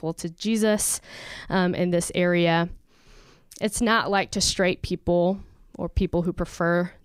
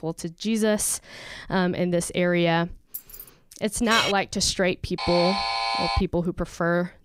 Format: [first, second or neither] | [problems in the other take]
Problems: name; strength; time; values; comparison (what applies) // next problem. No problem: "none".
first | jangling keys; faint; at 3 s; peak 10 dB below the speech // clattering dishes; noticeable; at 4 s; peak level with the speech // alarm; loud; from 5 to 6 s; peak level with the speech